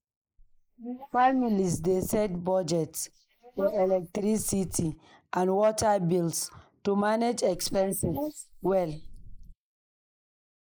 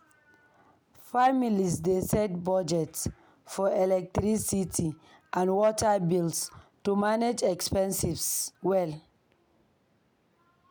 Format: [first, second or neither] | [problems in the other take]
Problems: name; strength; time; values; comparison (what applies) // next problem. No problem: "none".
second | noise reduction (neural mask model Resemble Enhance denoiser)